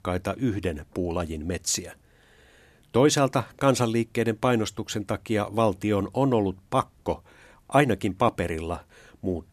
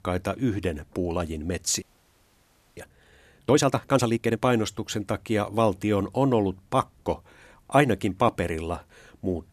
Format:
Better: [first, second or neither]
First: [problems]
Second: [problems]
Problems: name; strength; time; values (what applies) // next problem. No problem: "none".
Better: first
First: none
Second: audio freezing; at 2 s for 1 s